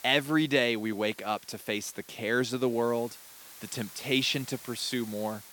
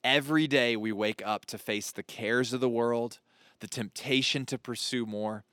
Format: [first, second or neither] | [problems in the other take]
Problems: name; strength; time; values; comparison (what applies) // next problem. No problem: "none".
second | hiss; noticeable; throughout; 15 dB below the speech